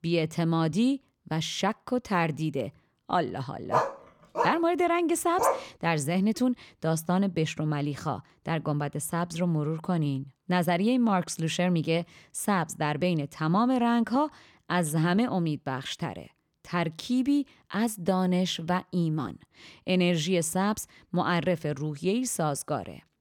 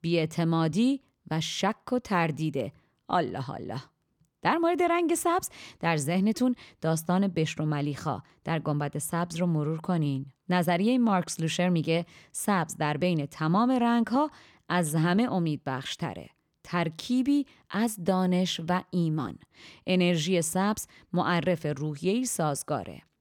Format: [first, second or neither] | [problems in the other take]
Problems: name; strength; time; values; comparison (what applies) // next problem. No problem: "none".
second | dog barking; loud; from 3.5 to 5.5 s; peak level with the speech